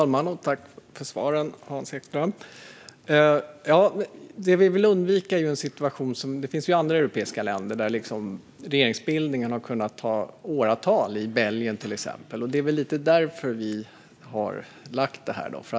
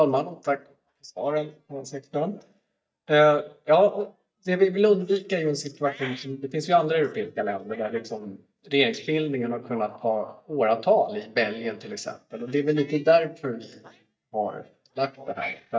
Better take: first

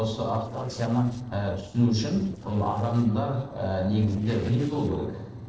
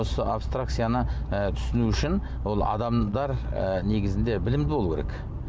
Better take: second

